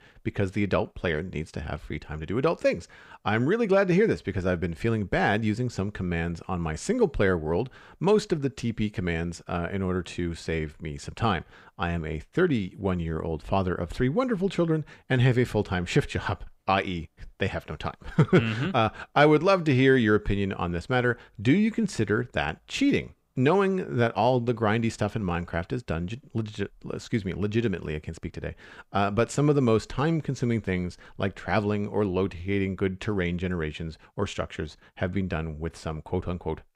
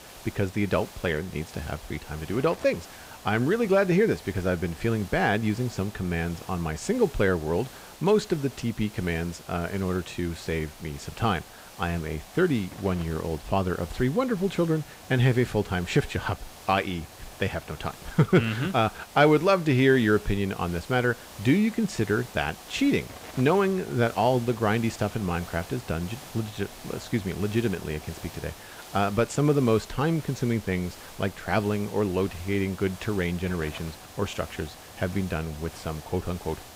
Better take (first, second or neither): first